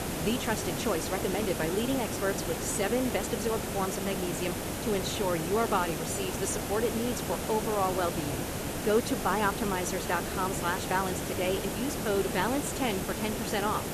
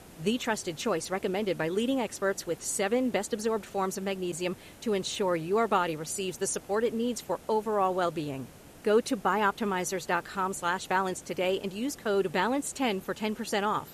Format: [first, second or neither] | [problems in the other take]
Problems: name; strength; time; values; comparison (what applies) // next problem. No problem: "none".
second | hiss; loud; throughout; 2 dB below the speech; faint in the second